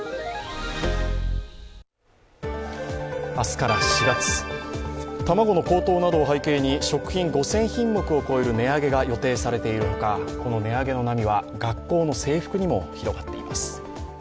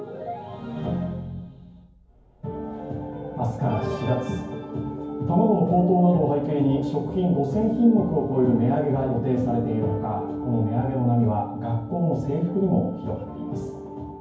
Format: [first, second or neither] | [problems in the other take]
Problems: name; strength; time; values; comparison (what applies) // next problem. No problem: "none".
first | room echo; dies away in 0.9 s